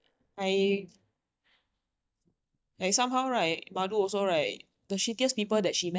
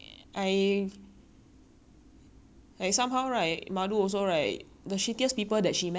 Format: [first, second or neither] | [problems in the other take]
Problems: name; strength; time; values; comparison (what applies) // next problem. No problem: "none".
second | noise reduction (neural mask model DeepFilterNet 3)